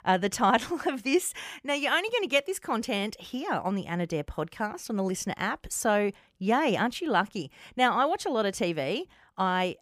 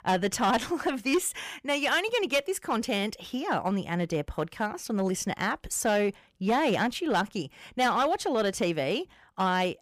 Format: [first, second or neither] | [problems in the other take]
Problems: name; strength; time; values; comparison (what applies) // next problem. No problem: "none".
first | distortion; slight; 5% of the sound clipped